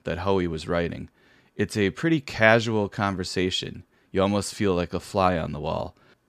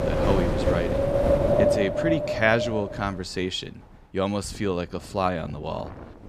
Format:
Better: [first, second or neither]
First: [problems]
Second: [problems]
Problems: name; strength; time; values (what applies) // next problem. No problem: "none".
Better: first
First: none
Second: wind in the background; very loud; throughout; 3 dB above the speech